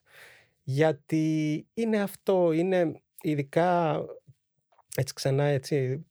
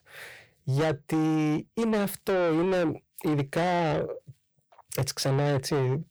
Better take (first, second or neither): first